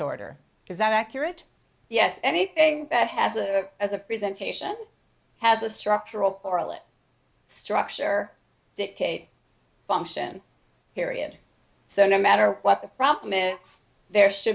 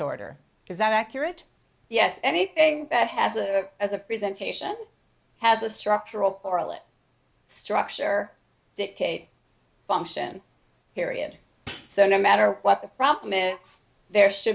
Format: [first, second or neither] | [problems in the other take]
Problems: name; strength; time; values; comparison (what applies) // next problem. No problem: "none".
first | background sound (Hi-hat); 15 dB below the speech